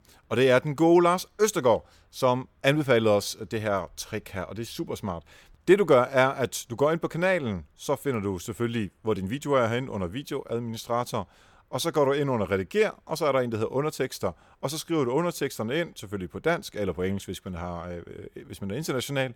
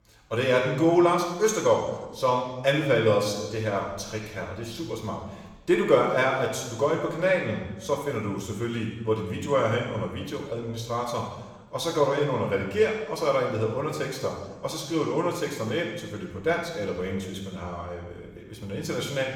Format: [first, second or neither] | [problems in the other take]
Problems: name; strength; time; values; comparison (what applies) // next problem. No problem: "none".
first | room echo; noticeable; dies away in 1.1 s // off-mic speech; somewhat distant